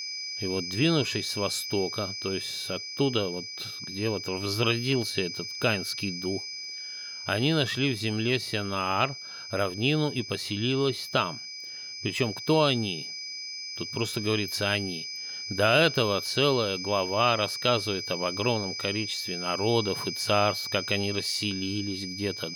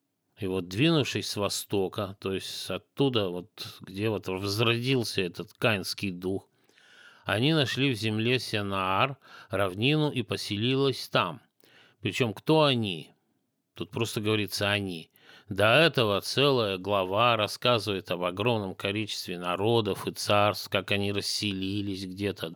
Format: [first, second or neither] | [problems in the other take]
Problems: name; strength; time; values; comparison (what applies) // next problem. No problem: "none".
second | high-pitched whine; loud; throughout; 5 kHz, 6 dB below the speech